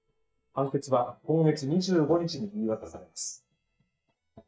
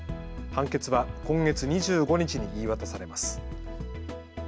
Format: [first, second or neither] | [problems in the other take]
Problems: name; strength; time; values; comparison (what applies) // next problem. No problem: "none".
second | noise reduction (neural mask model DeepFilterNet 3)